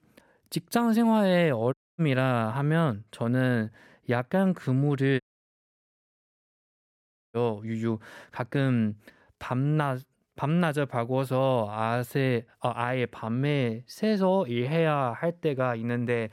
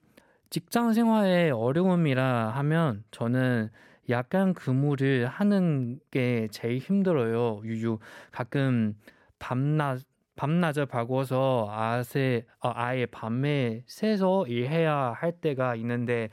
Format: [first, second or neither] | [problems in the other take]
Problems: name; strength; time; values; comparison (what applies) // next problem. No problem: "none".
second | audio cutting out; at 1.5 s and at 5 s for 2 s